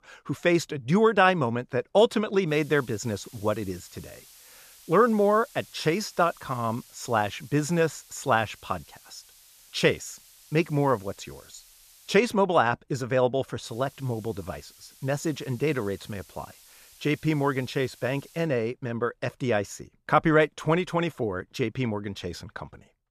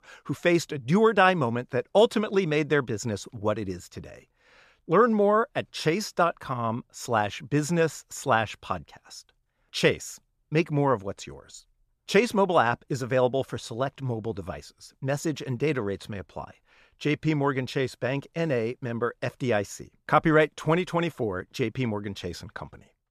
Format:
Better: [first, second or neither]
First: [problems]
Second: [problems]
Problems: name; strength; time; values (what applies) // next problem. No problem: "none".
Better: second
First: hiss; faint; from 2.5 to 12 s and from 14 to 18 s; 25 dB below the speech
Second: none